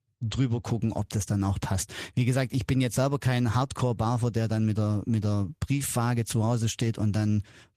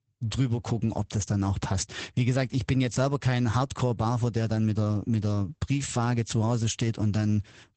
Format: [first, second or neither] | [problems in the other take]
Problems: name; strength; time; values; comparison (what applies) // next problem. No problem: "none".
first | garbled, watery; badly; nothing above 8 kHz; slightly in the first